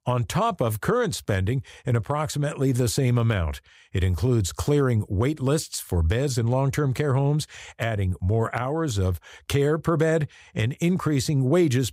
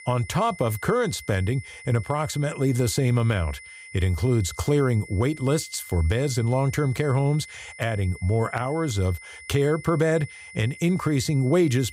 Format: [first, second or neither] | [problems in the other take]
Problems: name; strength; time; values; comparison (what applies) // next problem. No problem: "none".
first | high-pitched whine; noticeable; throughout; 2 kHz, 15 dB below the speech